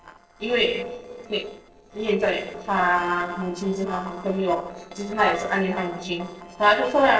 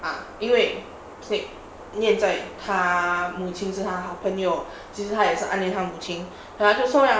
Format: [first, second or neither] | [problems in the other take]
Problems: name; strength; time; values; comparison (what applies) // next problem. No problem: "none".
second | noise reduction (neural separator model SepFormer DNS4)